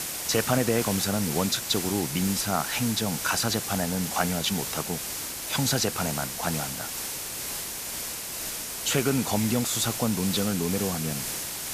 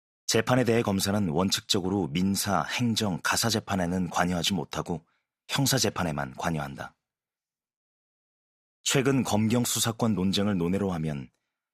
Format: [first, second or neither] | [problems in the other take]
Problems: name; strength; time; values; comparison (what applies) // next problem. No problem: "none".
second | hiss; loud; throughout; 3 dB below the speech